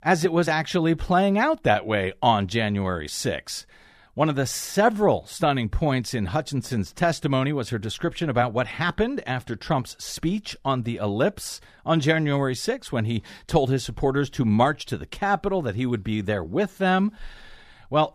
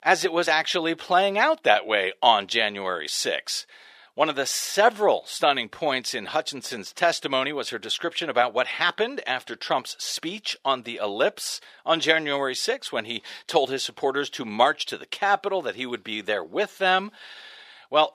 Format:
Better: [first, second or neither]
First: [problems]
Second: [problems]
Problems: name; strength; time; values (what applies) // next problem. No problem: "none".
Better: first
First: none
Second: thin; very; fading below 500 Hz